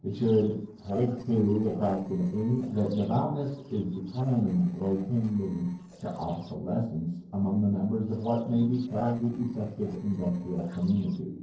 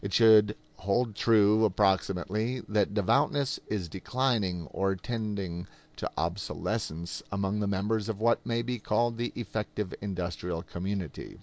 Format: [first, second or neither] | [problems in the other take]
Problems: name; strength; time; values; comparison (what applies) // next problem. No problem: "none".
second | noise reduction (neural separator model SepFormer DNS4)